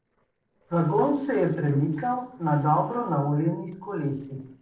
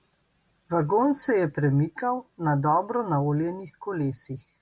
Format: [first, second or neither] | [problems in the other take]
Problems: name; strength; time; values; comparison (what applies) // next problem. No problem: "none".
second | noise reduction (neural separator model SepFormer DNS4)